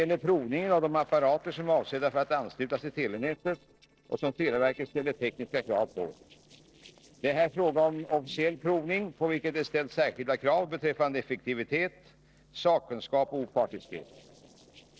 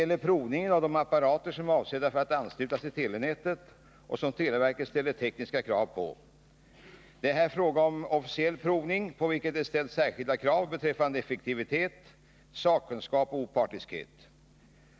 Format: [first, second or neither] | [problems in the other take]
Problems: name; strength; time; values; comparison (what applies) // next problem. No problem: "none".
second | noise reduction (neural separator model SepFormer DNS4)